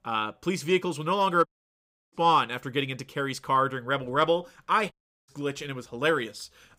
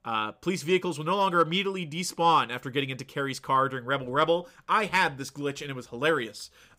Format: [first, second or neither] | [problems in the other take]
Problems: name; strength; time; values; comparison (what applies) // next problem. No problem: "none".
second | audio cutting out; at 1.5 s for 0.5 s and at 5 s